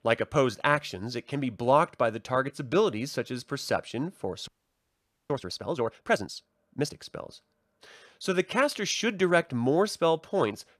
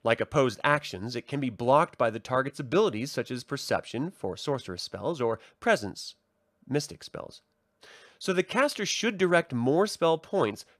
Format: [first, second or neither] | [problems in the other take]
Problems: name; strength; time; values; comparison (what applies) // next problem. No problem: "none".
second | audio freezing; at 4.5 s for 1 s